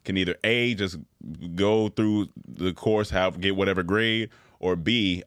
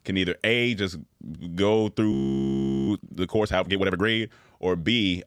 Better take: first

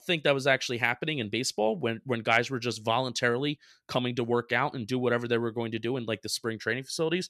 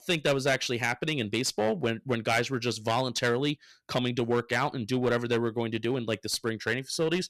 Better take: first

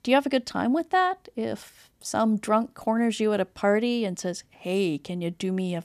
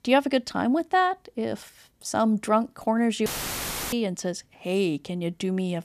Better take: first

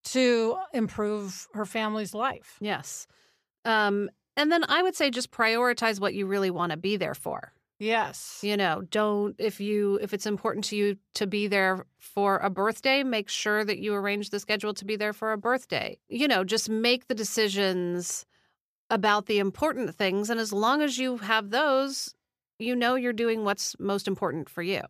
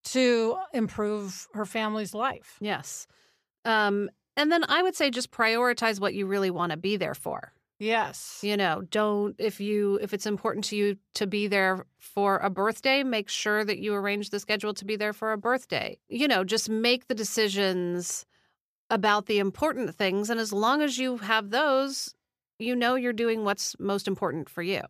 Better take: neither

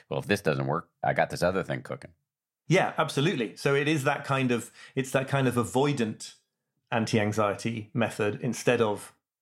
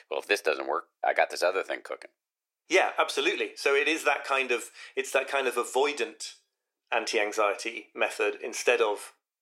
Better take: first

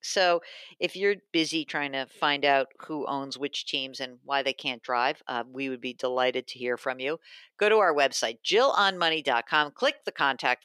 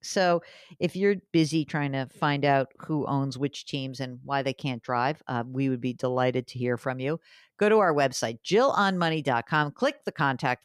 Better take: second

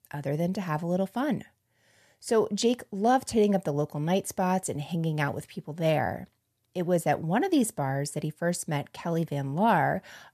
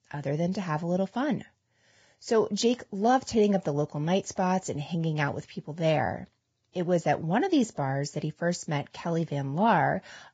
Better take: first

